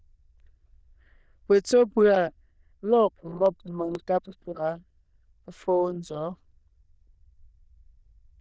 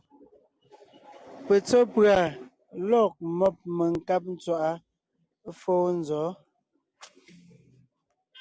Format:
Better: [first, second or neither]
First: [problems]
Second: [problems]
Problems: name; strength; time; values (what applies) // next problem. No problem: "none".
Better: second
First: noise reduction (neural diffusion model UNIVERSE++)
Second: none